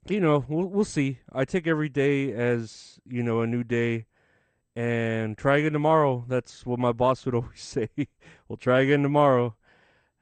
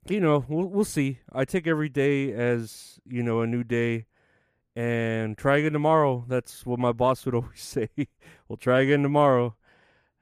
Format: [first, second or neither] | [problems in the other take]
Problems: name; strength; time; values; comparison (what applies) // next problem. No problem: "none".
second | garbled, watery; slightly; nothing above 8.5 kHz